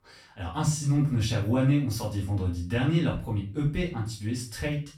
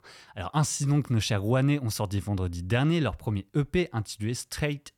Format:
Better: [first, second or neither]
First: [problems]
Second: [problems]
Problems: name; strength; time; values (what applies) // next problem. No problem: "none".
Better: second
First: room echo; slight; dies away in 0.3 s // off-mic speech; far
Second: none